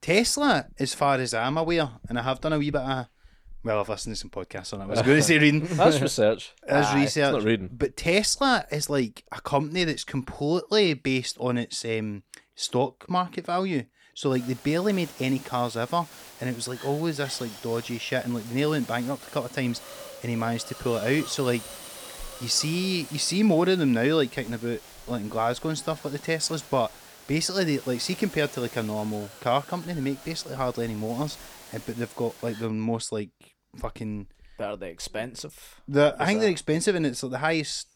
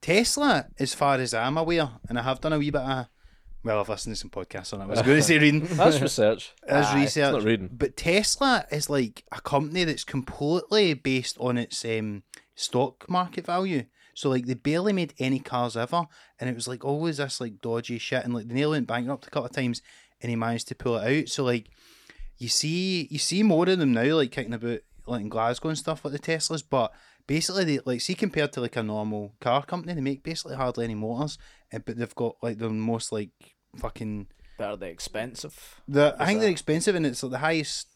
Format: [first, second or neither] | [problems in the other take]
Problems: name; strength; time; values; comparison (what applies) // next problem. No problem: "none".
second | hiss; noticeable; from 14 to 33 s; 15 dB below the speech